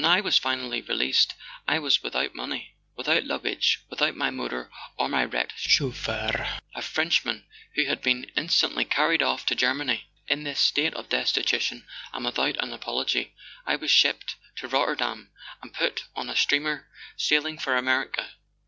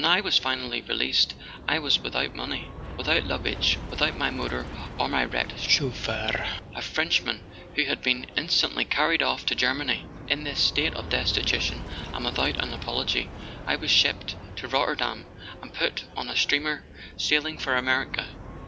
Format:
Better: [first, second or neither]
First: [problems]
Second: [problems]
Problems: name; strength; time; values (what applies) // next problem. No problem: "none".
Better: first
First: none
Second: background sound (Aircraft); 11 dB below the speech